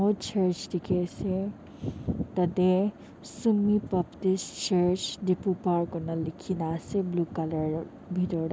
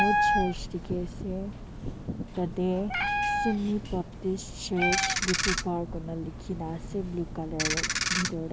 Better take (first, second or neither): first